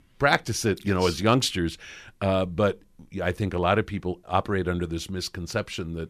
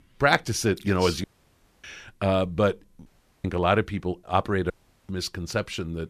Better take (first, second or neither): first